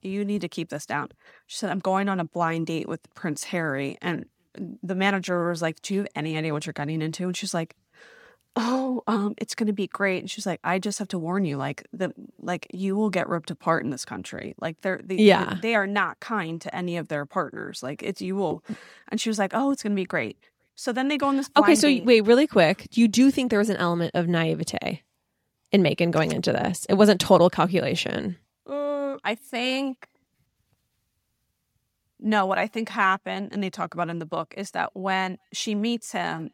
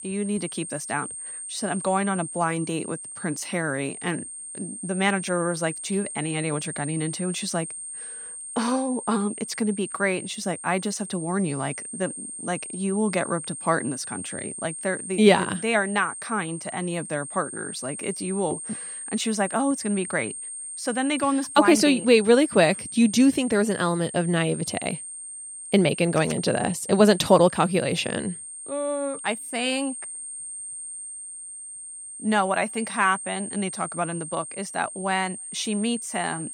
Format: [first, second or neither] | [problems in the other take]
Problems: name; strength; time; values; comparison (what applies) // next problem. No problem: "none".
first | high-pitched whine; loud; throughout; 8.5 kHz, 9 dB below the speech